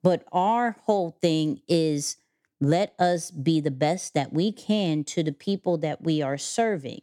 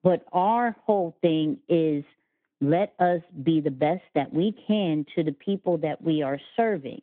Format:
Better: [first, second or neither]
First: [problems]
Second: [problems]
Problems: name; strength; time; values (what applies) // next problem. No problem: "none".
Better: first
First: none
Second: phone-call audio; nothing above 3.5 kHz